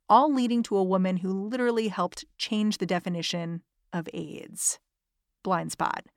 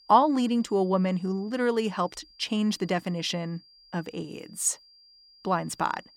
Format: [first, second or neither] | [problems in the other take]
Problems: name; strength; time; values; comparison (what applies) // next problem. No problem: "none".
first | high-pitched whine; faint; throughout; 4.5 kHz, 25 dB below the speech